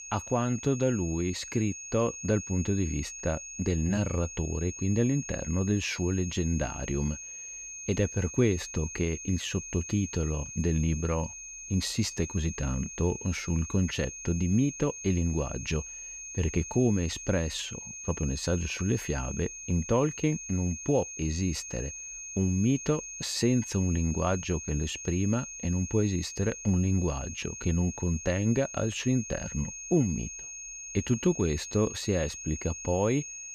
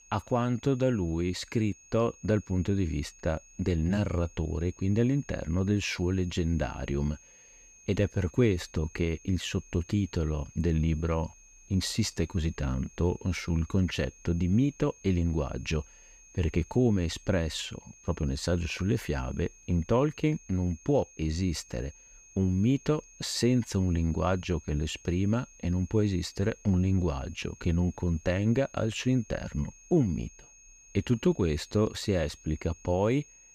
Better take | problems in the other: second | high-pitched whine; loud; throughout; 6.5 kHz, 9 dB below the speech; faint in the second

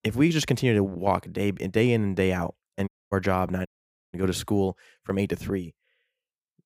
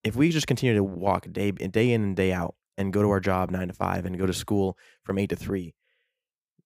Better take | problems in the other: second | audio cutting out; at 3 s and at 3.5 s

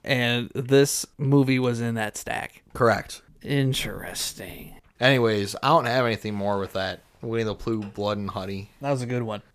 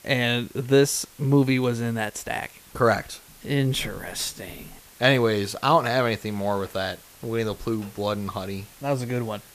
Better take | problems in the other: first | hiss; faint; throughout; 25 dB below the speech

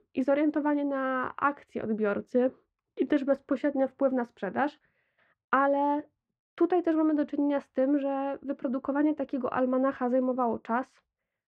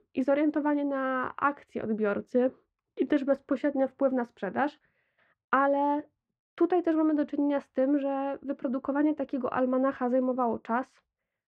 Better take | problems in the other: neither | muffled; very; fading above 1.5 kHz; the same in both

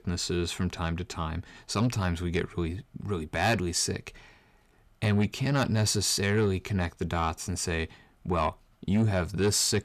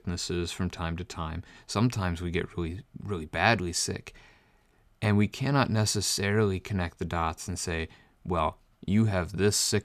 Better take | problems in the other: second | distortion; slight; 10 dB below the speech

